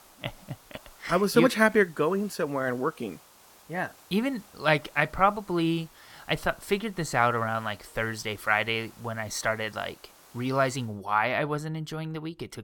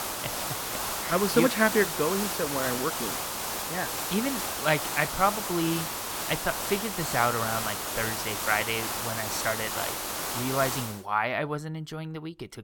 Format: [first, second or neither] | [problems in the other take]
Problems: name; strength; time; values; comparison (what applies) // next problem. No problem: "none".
first | hiss; loud; until 11 s; 1 dB below the speech; faint in the first